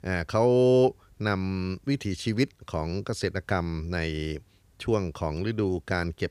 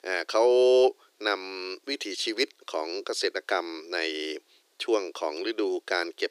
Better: first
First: none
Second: thin; very; fading below 300 Hz

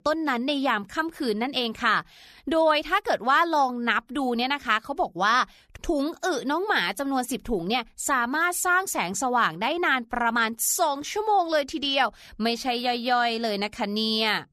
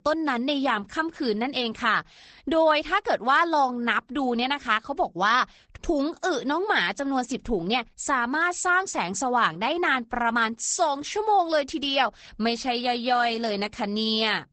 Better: first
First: none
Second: garbled, watery; badly; nothing above 8 kHz

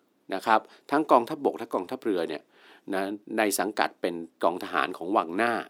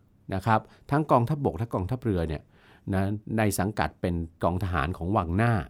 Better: second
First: thin; somewhat; fading below 300 Hz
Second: none

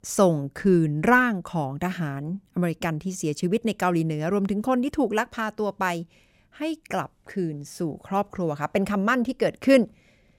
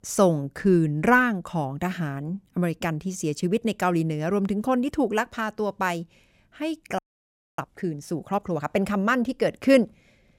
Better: first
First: none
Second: audio freezing; at 7 s for 0.5 s

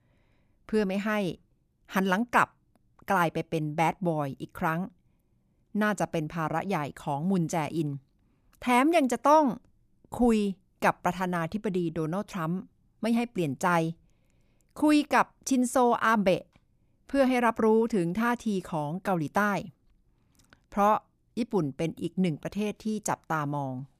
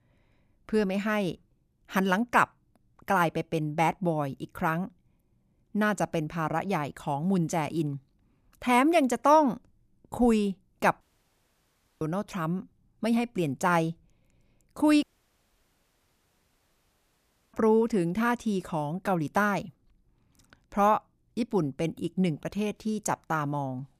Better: first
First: none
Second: audio cutting out; at 11 s for 1 s and at 15 s for 2.5 s

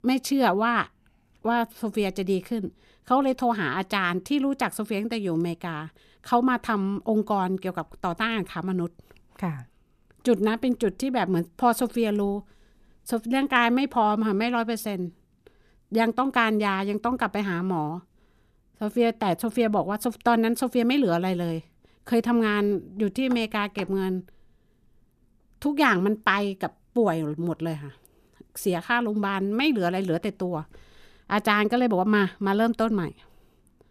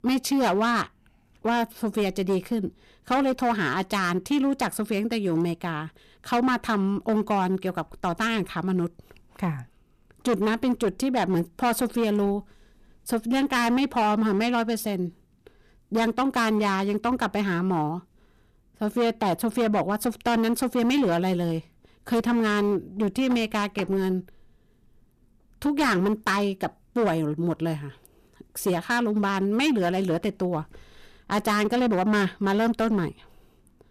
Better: first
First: none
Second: distortion; slight; 11% of the sound clipped

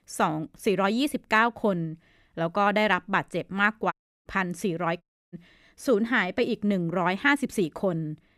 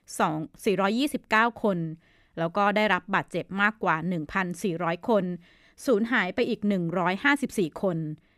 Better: second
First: audio cutting out; at 4 s and at 5 s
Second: none

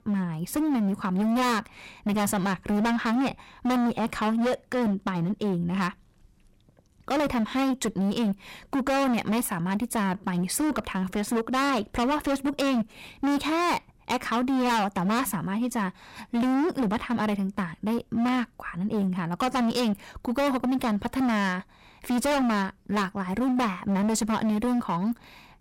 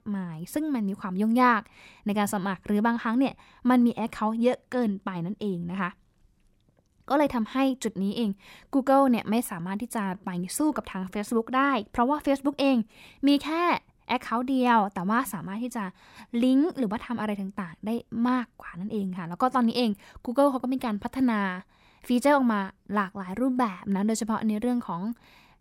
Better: second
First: distortion; heavy; 24% of the sound clipped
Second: none

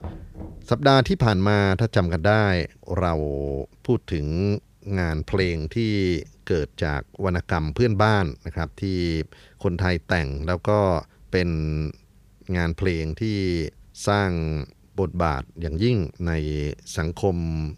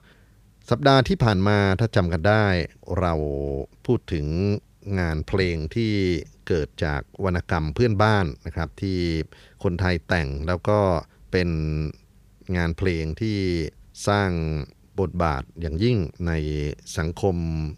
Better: second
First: door banging; faint; at the start; peak 15 dB below the speech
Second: none

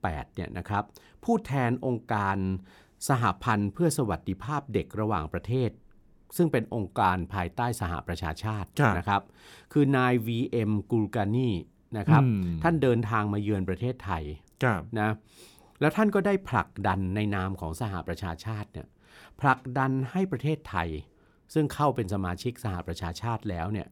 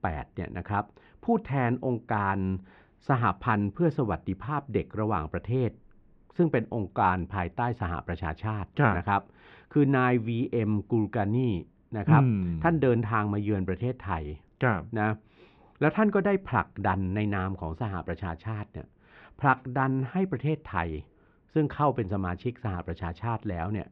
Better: first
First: none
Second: muffled; very; fading above 3 kHz

